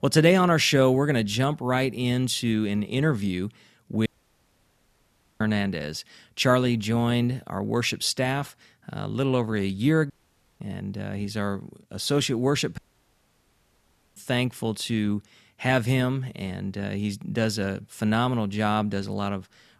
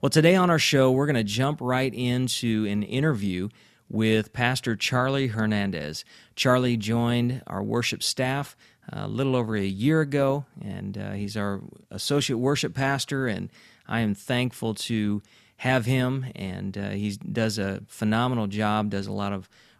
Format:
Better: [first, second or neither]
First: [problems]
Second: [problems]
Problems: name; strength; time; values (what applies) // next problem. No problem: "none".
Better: second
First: audio cutting out; at 4 s for 1.5 s, at 10 s for 0.5 s and at 13 s for 1.5 s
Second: none